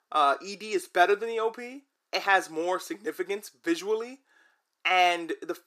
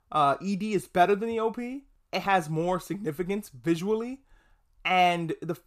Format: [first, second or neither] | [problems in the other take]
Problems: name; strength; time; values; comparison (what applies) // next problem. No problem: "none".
second | thin; very; fading below 350 Hz